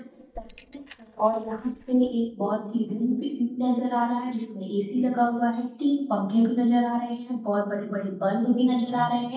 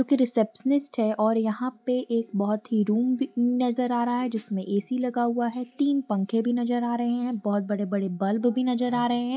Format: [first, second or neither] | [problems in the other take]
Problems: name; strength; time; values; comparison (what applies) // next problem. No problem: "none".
second | noise reduction (neural mask model DeepFilterNet 3)